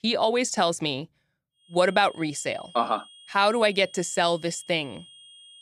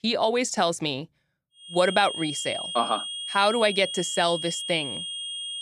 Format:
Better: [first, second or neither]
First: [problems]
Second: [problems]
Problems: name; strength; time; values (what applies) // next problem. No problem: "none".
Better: first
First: high-pitched whine; faint; from 1.5 s on; 3.5 kHz, 25 dB below the speech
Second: high-pitched whine; loud; from 1.5 s on; 3.5 kHz, 6 dB below the speech